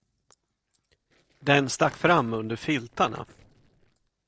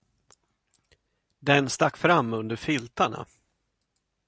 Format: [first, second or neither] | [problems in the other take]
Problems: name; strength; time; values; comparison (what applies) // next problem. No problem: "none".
second | noise reduction (neural separator model SepFormer DNS4)